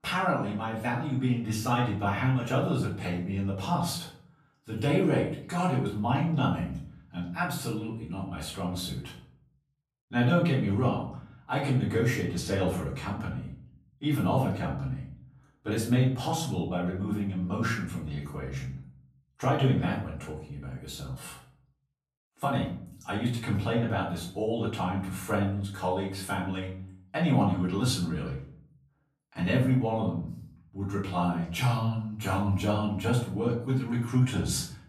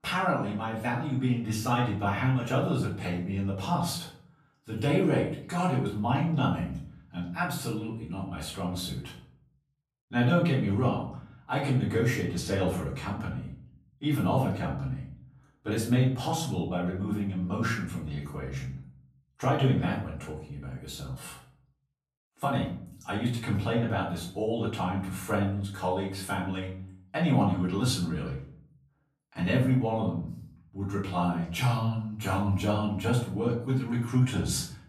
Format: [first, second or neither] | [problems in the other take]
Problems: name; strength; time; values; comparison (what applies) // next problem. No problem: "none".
neither | off-mic speech; far; the same in both // room echo; noticeable; dies away in 0.6 s; the same in both